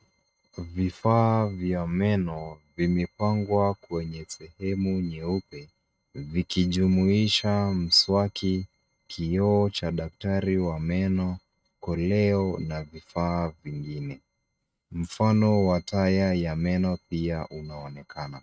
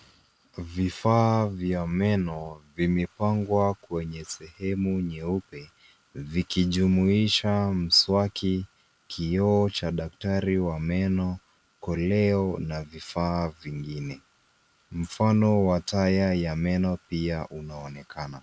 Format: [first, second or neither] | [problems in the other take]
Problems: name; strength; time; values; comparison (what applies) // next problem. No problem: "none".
second | noise reduction (neural mask model RNNoise)